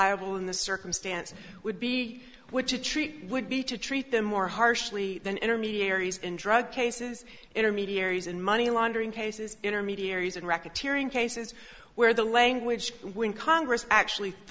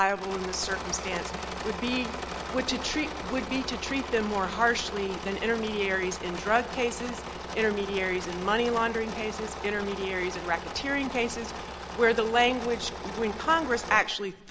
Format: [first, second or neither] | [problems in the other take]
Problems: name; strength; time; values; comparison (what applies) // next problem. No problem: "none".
first | background sound (Engine / Mechanisms); 8 dB below the speech